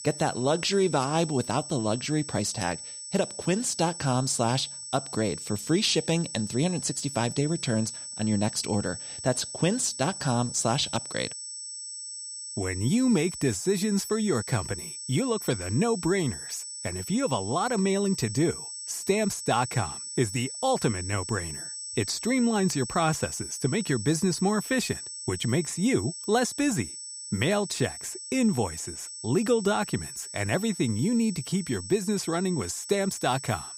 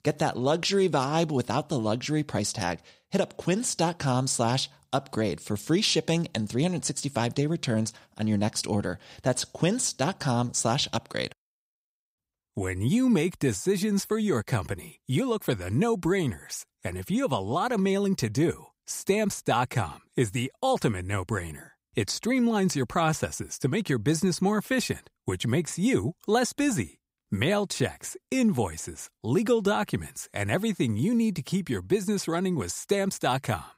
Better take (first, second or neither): second